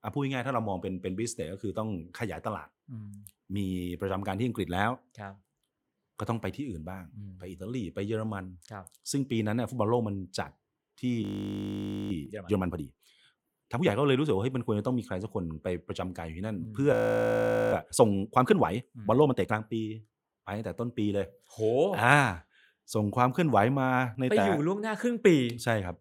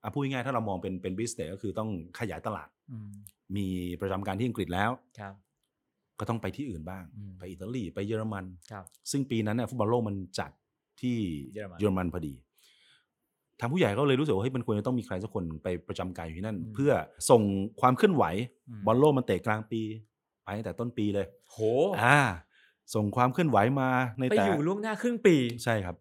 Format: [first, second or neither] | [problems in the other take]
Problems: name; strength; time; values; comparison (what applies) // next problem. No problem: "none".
second | audio freezing; at 11 s for 1 s and at 17 s for 1 s